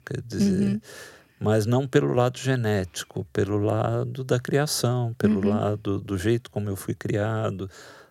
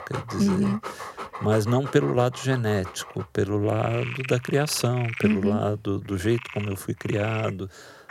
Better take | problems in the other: first | animal sounds; noticeable; throughout; 10 dB below the speech

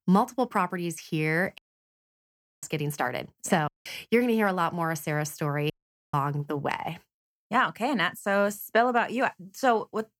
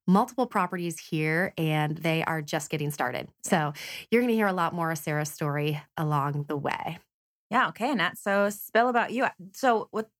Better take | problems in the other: second | audio cutting out; at 1.5 s for 1 s, at 3.5 s and at 5.5 s

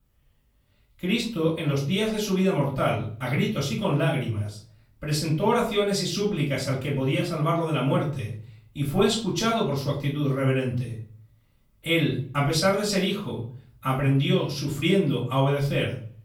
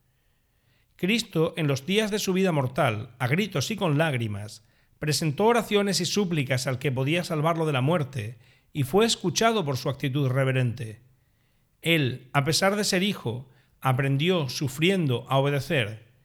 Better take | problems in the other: second | off-mic speech; far // room echo; slight; dies away in 0.4 s

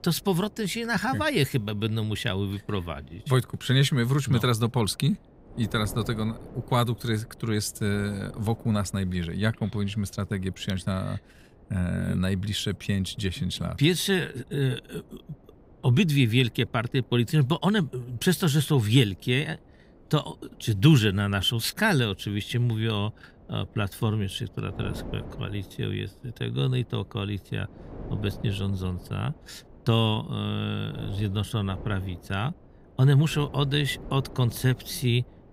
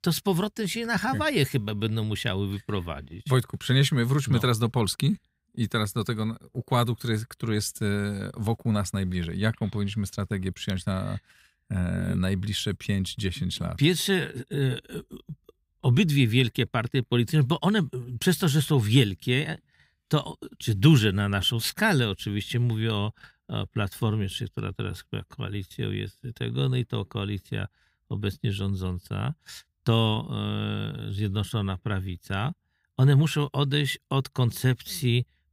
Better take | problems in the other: second | wind noise on the microphone; occasional gusts; 20 dB below the speech

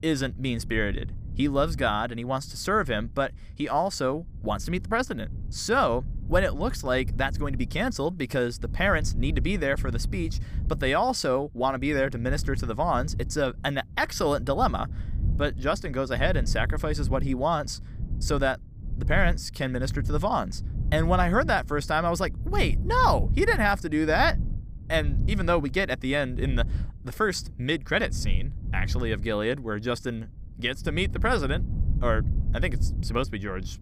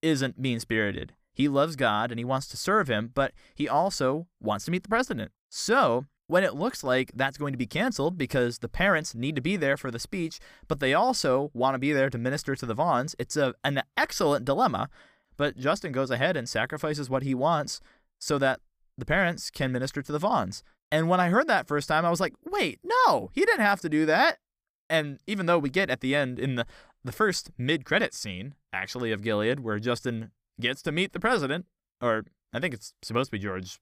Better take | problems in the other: second | wind noise on the microphone; occasional gusts; 20 dB below the speech

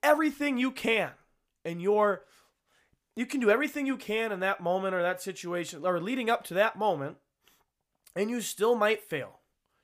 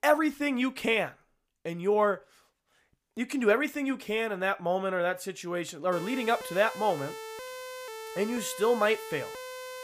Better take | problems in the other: first | siren; faint; from 6 s on; peak 10 dB below the speech

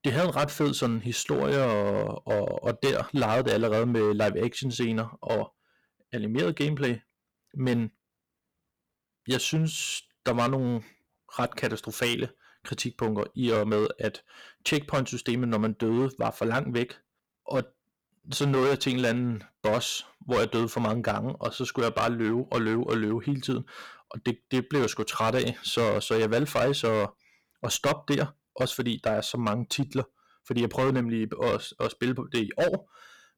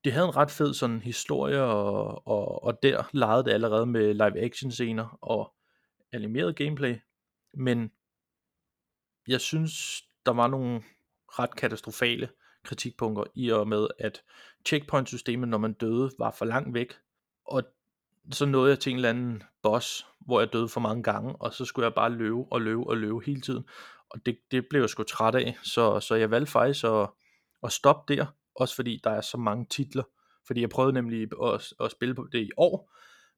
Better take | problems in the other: second | distortion; heavy; 9% of the sound clipped

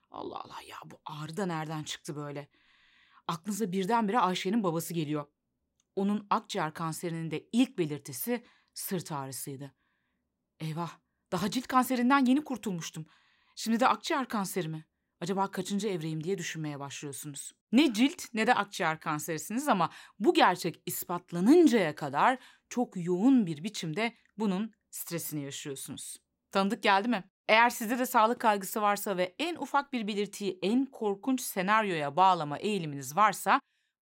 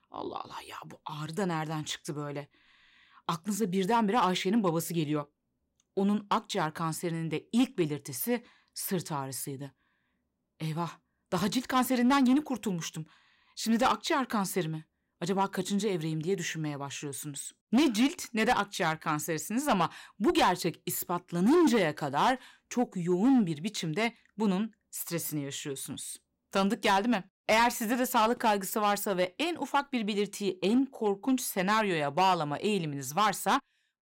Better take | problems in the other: first | distortion; slight; 4% of the sound clipped

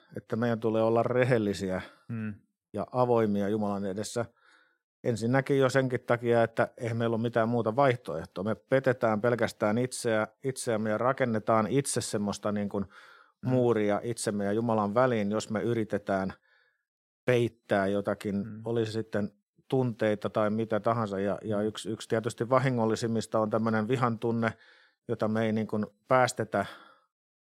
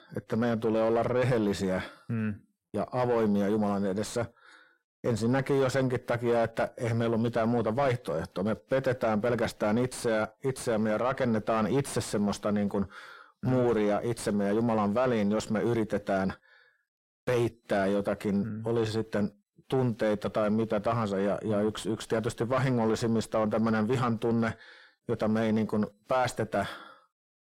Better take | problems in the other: first | distortion; heavy; 8 dB below the speech

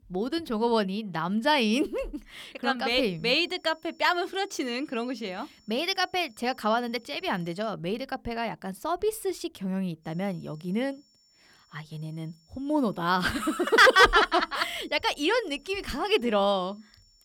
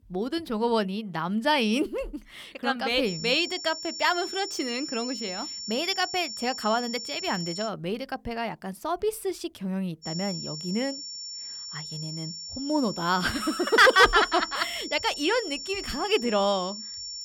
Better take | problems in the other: first | high-pitched whine; loud; from 3 to 7.5 s and from 10 s on; 5.5 kHz, 8 dB below the speech; faint in the first

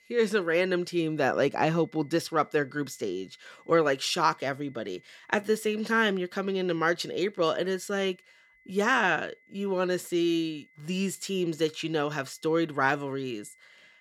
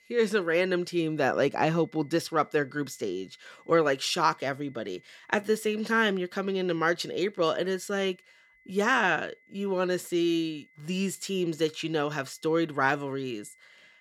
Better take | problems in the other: neither | high-pitched whine; faint; throughout; 2 kHz, 30 dB below the speech; the same in both

